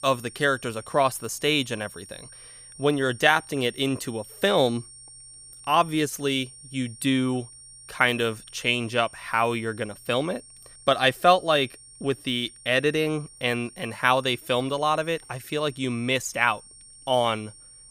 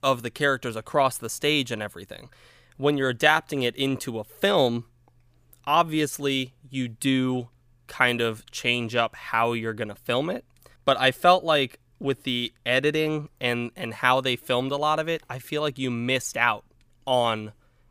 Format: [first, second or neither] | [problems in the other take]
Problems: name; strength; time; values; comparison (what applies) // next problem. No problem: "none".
second | high-pitched whine; noticeable; throughout; 9 kHz, 20 dB below the speech